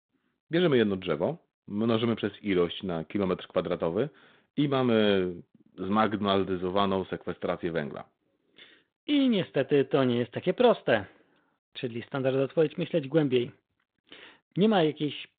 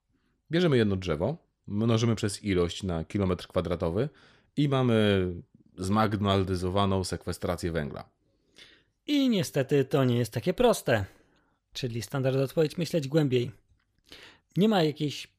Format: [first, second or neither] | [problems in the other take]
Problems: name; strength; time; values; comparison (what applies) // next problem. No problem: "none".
second | phone-call audio; nothing above 3.5 kHz